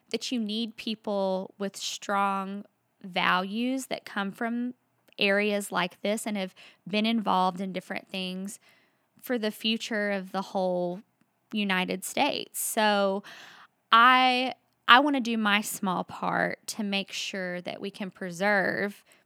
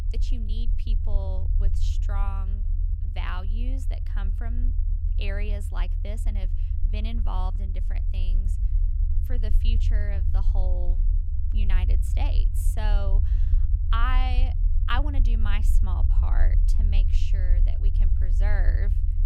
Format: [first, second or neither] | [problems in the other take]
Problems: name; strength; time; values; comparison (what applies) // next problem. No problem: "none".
first | low rumble; loud; throughout; 9 dB below the speech